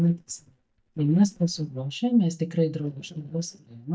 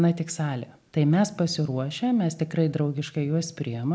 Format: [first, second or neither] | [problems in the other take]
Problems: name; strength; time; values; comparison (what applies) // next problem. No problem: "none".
second | noise reduction (neural mask model DeepFilterNet 3)